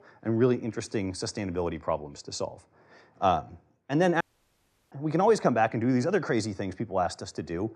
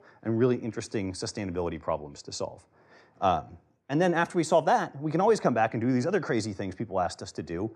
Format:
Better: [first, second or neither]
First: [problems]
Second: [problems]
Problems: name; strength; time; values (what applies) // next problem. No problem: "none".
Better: second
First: audio cutting out; at 4 s for 0.5 s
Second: none